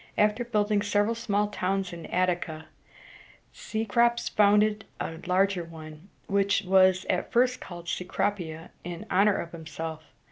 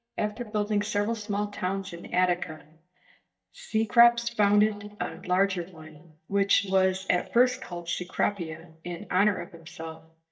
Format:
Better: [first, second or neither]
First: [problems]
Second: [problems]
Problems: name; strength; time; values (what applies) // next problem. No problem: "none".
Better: first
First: none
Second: noise reduction (neural mask model DeepFilterNet 3)